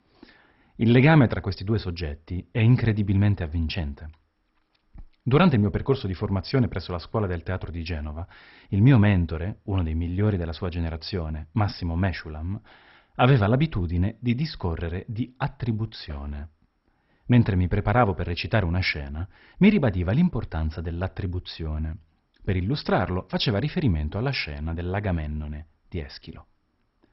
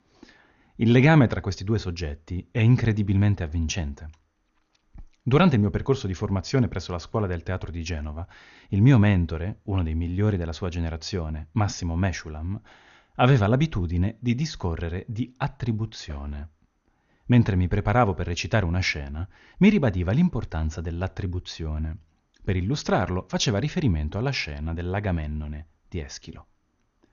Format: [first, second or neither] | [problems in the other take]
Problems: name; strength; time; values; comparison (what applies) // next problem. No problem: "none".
second | garbled, watery; badly; nothing above 5.5 kHz; slightly in the second